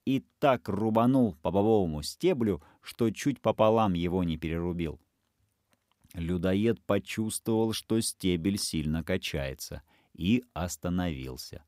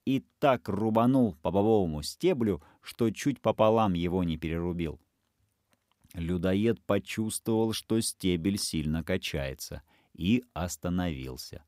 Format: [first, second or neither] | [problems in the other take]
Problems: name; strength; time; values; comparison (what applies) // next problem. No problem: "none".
neither | none